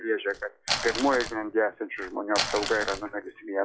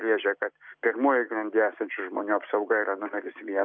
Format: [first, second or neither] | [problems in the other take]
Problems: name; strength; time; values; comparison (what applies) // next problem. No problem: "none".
second | noise reduction (classical method log-MMSE)